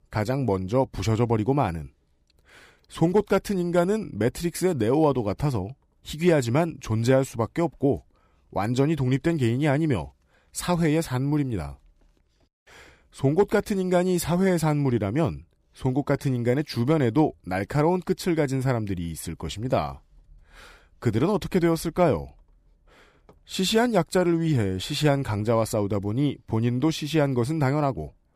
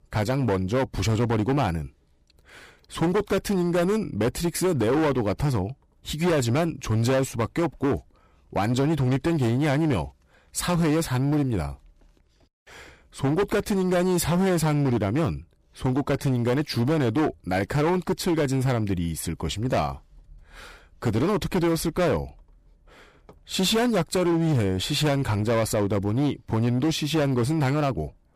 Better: first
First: none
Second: distortion; heavy; 15% of the sound clipped

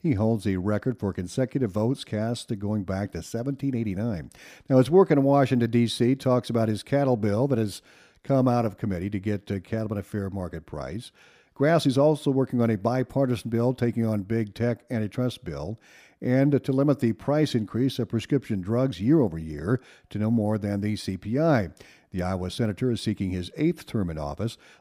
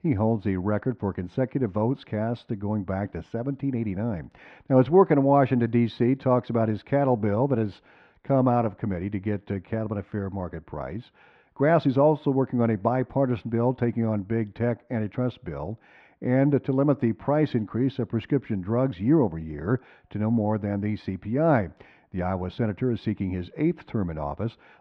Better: first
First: none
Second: muffled; very; fading above 2.5 kHz

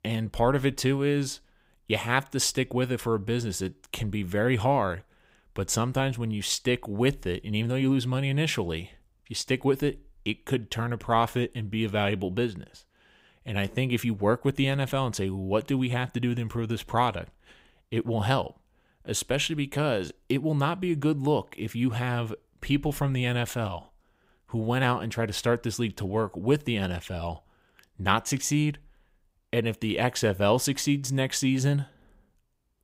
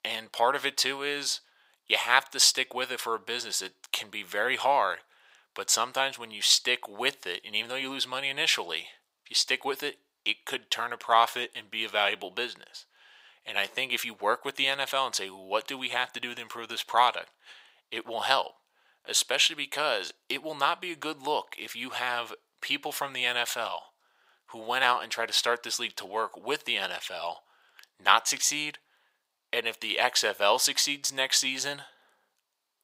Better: first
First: none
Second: thin; very; fading below 850 Hz

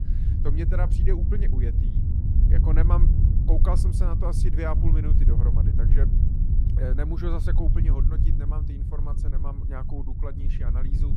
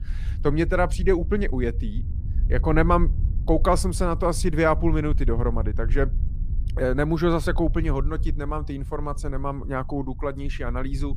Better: second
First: low rumble; loud; throughout; 3 dB below the speech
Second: low rumble; faint; throughout; 20 dB below the speech

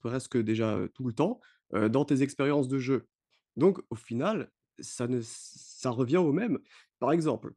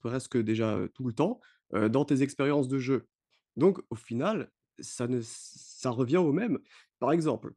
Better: neither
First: none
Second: none

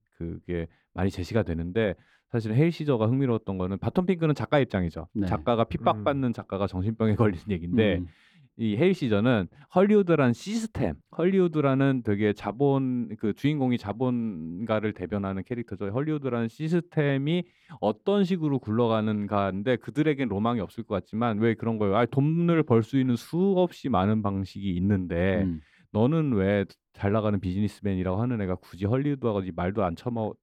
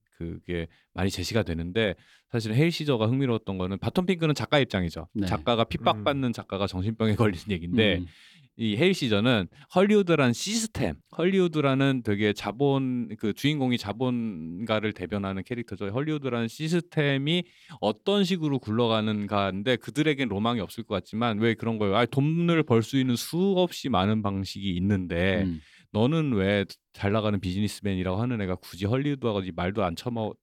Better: second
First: muffled; slightly; fading above 2 kHz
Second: none

